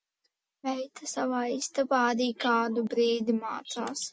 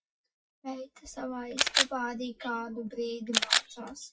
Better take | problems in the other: first | noise reduction (classical method WPE with log-MMSE)

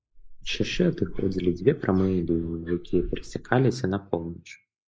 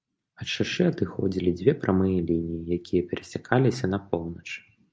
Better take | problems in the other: second | noise reduction (neural mask model Resemble Enhance denoiser)

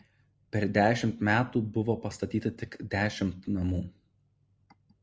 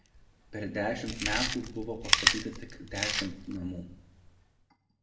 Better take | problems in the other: first | background sound (Chewing, mastication); 3 dB above the speech // room echo; dies away in 0.6 s

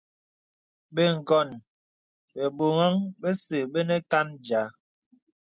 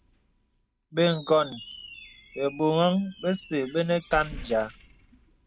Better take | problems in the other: first | background sound (Squeak); 18 dB below the speech

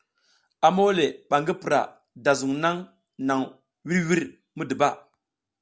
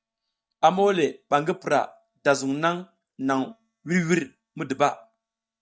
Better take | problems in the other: first | noise reduction (neural mask model DeepFilterNet 3)

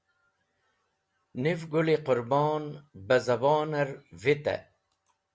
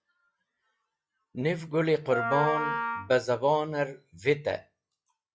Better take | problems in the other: first | noise reduction (classical method log-MMSE)

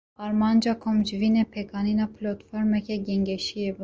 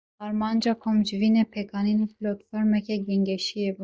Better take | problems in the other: first | noise reduction (neural mask model DeepFilterNet 3)

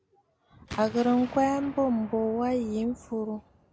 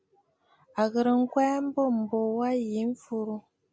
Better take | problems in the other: second | background sound (Explosion); 17 dB below the speech

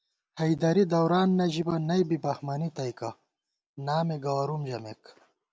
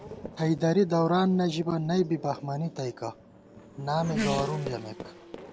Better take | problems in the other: first | background sound (Race car, auto racing / Accelerating, revving, vroom); 11 dB below the speech

